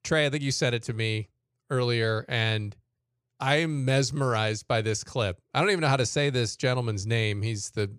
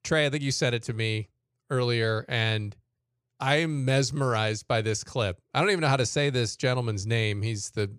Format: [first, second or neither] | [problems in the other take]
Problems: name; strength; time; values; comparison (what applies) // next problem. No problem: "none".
neither | none